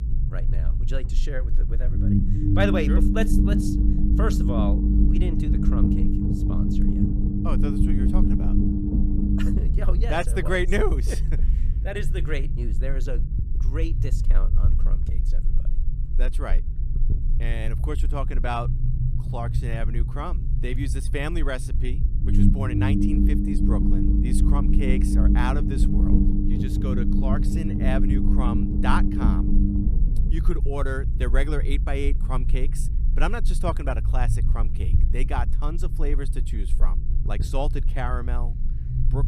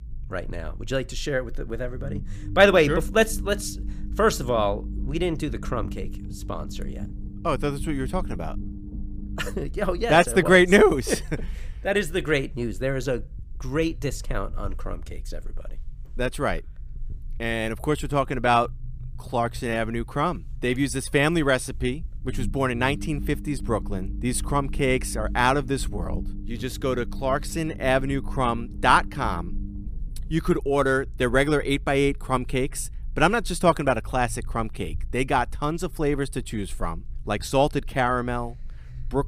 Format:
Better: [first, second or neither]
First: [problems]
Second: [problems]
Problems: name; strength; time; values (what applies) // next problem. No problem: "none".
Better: second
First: low rumble; loud; throughout; 2 dB below the speech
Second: low rumble; faint; throughout; 25 dB below the speech